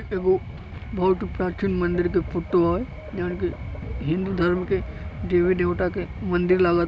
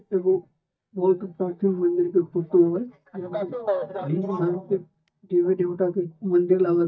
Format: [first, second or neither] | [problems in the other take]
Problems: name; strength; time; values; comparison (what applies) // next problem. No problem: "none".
first | noise reduction (neural mask model DeepFilterNet 3)